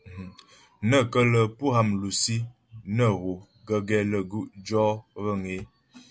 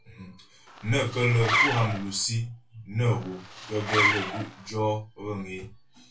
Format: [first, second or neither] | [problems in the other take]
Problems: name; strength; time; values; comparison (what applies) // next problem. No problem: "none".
first | background sound (Zipper (clothing)); as loud as the speech // room echo; dies away in 0.2 s